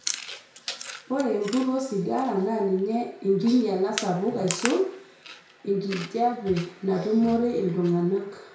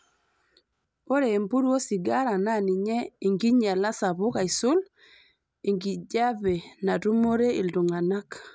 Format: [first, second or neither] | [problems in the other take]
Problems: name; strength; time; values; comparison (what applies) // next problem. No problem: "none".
second | background sound (Chewing, mastication); 14 dB below the speech // room echo; dies away in 0.6 s